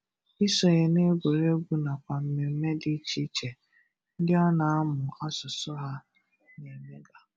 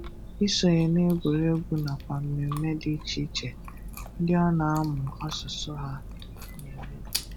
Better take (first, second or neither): first